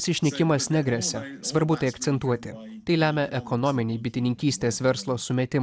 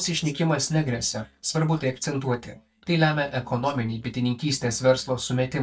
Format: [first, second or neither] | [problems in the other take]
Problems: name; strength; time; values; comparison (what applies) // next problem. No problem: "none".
first | noise reduction (neural mask model DeepFilterNet 3)